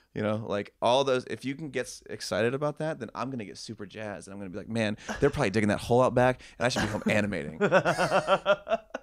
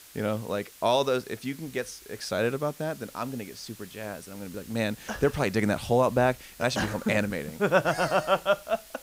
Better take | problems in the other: first | hiss; faint; throughout; 20 dB below the speech

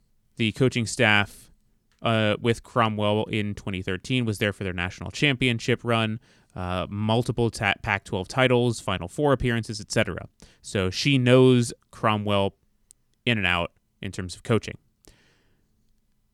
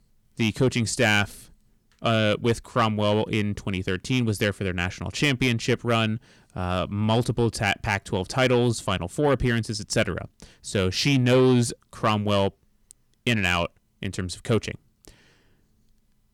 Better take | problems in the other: first | distortion; slight; 10 dB below the speech

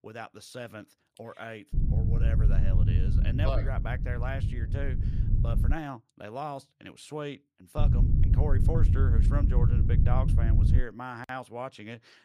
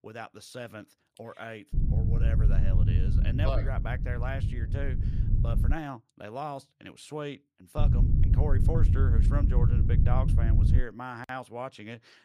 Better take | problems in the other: neither | low rumble; loud; from 1.5 to 5.5 s and from 8 to 11 s; 3 dB below the speech; the same in both

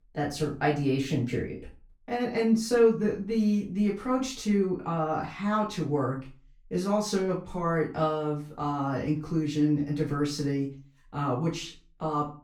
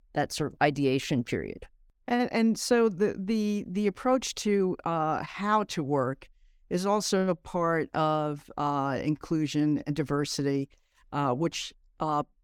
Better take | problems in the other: second | off-mic speech; far // room echo; slight; dies away in 0.3 s

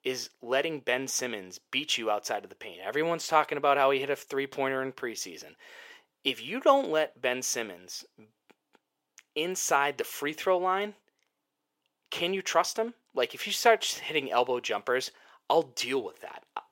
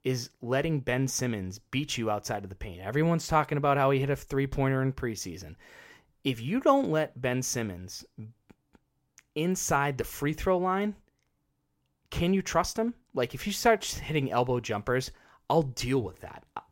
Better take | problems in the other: second | thin; somewhat; fading below 450 Hz

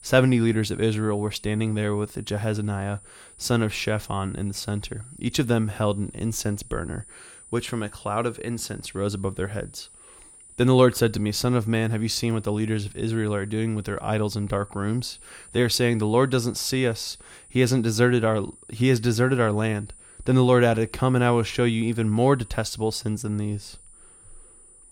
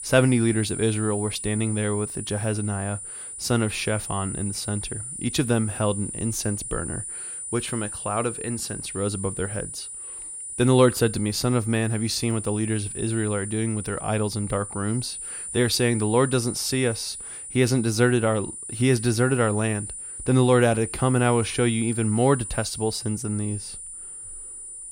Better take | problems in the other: first | high-pitched whine; loud; throughout; 9.5 kHz, 8 dB below the speech; faint in the first

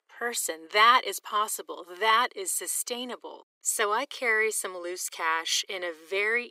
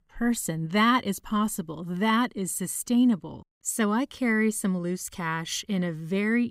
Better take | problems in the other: second | thin; very; fading below 400 Hz

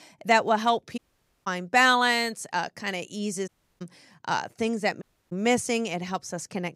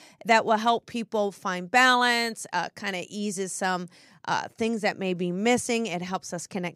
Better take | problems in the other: second | audio cutting out; at 1 s, at 3.5 s and at 5 s

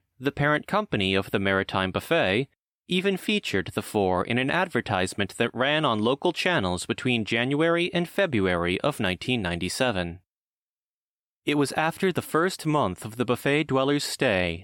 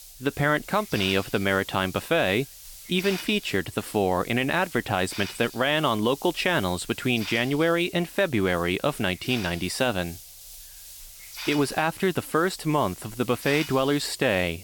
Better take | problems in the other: first | hiss; noticeable; throughout; 15 dB below the speech

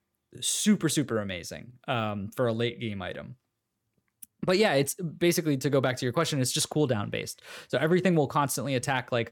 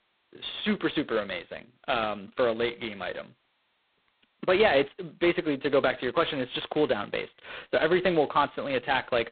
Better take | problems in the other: first | phone-call audio; poor line; nothing above 4 kHz

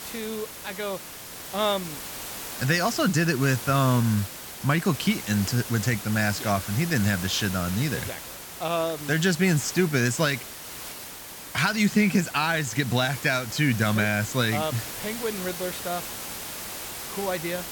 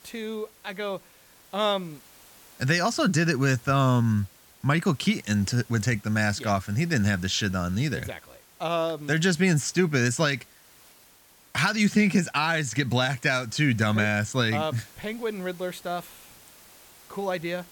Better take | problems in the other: second | hiss; loud; throughout; 10 dB below the speech; faint in the second

